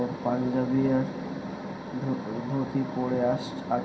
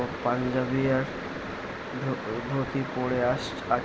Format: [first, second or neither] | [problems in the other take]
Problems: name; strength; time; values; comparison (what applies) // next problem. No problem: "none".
second | room echo; dies away in 0.3 s